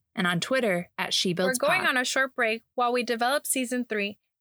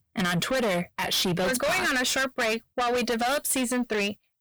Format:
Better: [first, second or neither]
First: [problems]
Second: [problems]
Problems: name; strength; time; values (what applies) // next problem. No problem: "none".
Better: first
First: none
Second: distortion; heavy; 6 dB below the speech